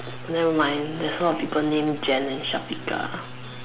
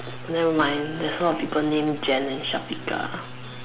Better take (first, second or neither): first